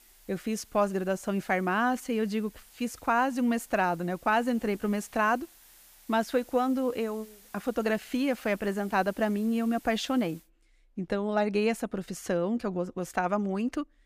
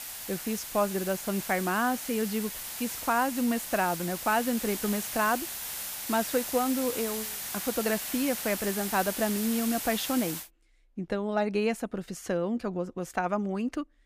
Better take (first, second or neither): first